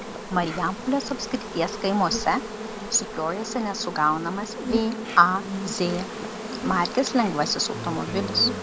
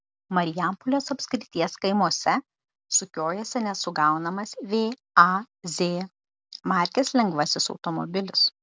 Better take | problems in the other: second | background sound (Insect); 7 dB below the speech

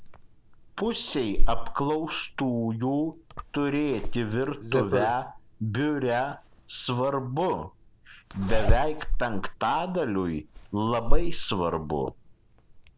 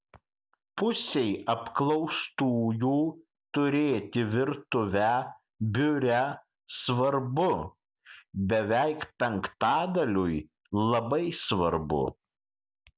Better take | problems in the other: second | background sound (Zipper (clothing)); 3 dB above the speech

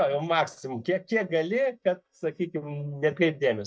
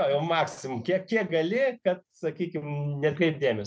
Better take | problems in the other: second | noise reduction (neural mask model DeepFilterNet 3)

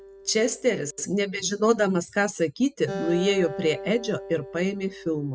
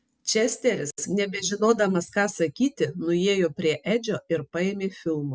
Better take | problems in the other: second | background sound (Acoustic guitar); 13 dB below the speech

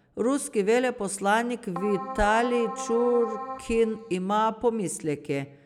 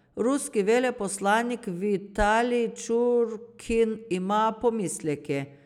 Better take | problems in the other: second | background sound (Keyboard (musical)); 10 dB below the speech

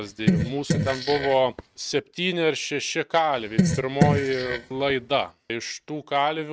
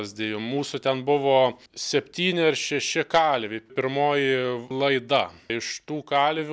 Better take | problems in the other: second | noise reduction (neural mask model RNNoise)

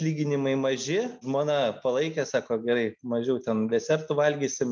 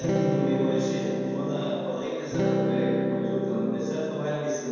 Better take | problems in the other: first | background sound (Electric guitar / Strum); 3 dB above the speech // room echo; dies away in 2.1 s

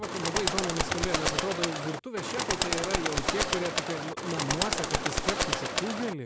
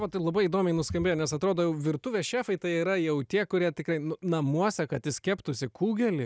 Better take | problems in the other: second | background sound (Bird); 4 dB above the speech

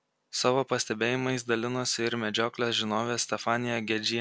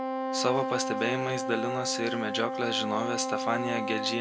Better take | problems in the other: first | background sound (Wind instrument, woodwind instrument); 1 dB below the speech // room echo; dies away in 1.7 s

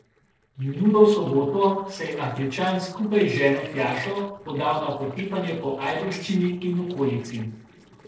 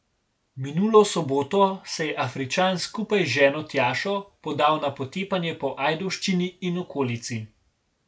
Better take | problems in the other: second | noise reduction (neural separator model SepFormer DNS4)

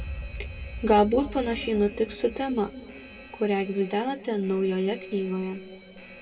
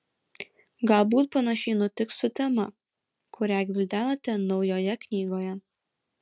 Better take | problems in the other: second | background sound (Alarm); 14 dB below the speech // room echo; dies away in 1.8 s

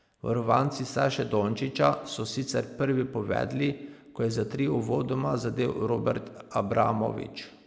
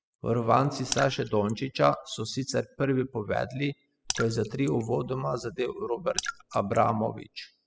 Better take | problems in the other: first | noise reduction (classical method spectral subtraction)

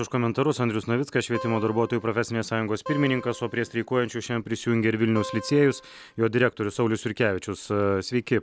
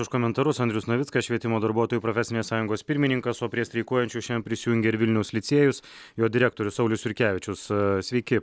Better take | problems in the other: second | background sound (Acoustic guitar); 14 dB below the speech

